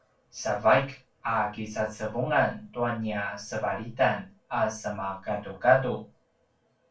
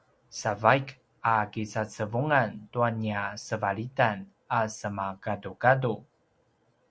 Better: second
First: room echo; dies away in 0.2 s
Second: none

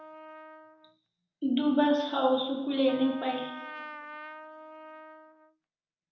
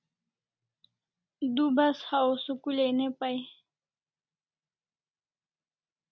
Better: second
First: background sound (Trumpet); 16 dB below the speech // room echo; dies away in 0.8 s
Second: none

